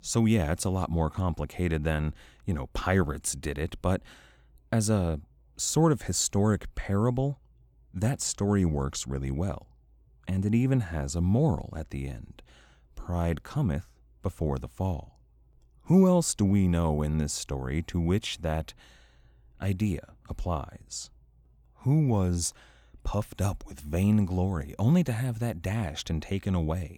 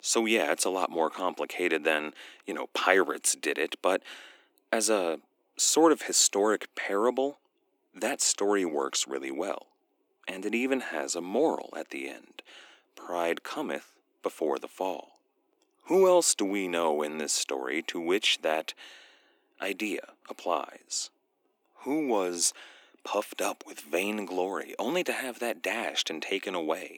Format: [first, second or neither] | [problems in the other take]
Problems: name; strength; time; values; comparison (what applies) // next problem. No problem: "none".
first | thin; very; fading below 300 Hz